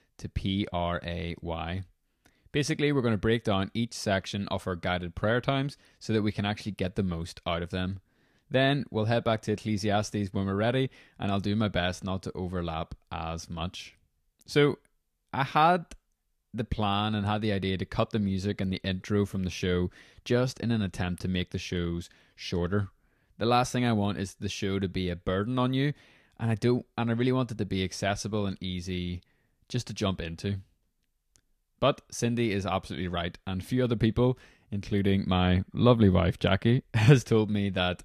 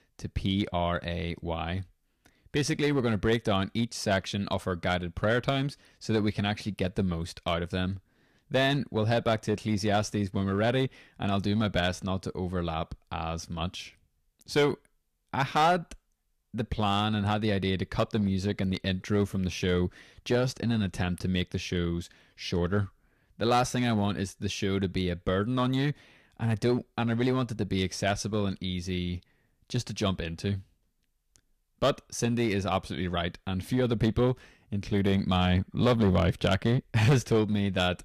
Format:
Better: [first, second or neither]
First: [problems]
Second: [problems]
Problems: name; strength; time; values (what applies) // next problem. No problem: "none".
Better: first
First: none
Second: distortion; slight; 4% of the sound clipped